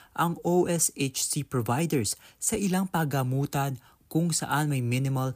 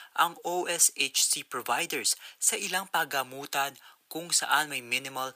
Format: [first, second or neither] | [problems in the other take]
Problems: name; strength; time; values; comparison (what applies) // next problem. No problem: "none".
first | thin; very; fading below 700 Hz